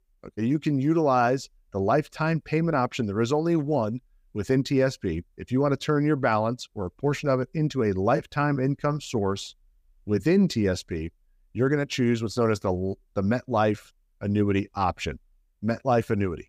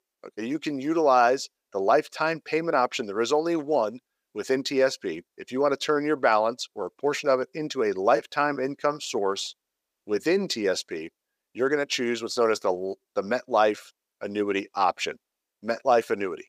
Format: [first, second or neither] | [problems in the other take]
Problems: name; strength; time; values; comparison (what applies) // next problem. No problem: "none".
first | thin; somewhat; fading below 450 Hz